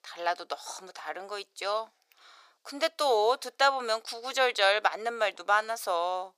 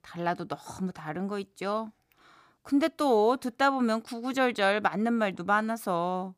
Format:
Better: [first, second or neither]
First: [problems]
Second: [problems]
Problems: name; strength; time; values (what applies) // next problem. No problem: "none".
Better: second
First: thin; very; fading below 500 Hz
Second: none